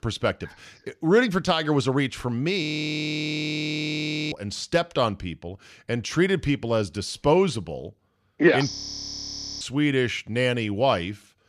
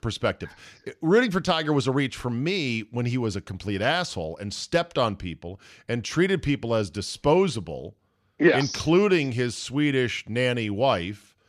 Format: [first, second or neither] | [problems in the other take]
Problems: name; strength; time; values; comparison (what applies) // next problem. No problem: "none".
second | audio freezing; at 2.5 s for 1.5 s and at 8.5 s for 1 s